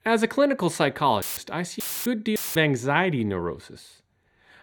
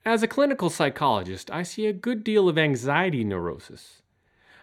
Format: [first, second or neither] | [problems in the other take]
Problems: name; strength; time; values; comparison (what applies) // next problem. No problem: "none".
second | audio cutting out; filled with static; at 1 s, at 2 s and at 2.5 s